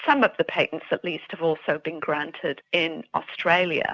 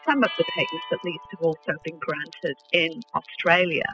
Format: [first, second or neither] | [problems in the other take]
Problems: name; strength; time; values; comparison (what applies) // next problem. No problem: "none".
first | noise reduction (classical method spectral subtraction)